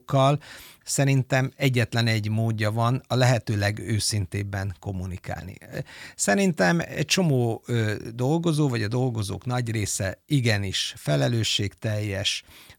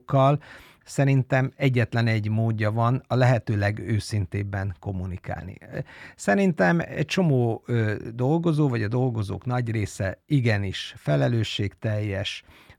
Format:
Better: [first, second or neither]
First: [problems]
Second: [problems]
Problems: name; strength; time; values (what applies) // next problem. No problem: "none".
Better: first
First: none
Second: muffled; slightly; fading above 3.5 kHz